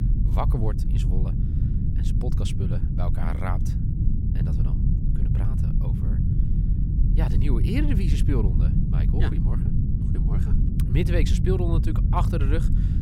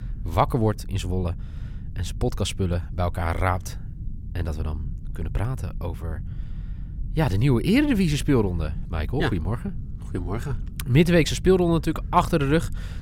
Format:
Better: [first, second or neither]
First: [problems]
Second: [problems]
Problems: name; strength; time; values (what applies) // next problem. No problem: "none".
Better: second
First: low rumble; loud; throughout; 3 dB below the speech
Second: low rumble; faint; throughout; 25 dB below the speech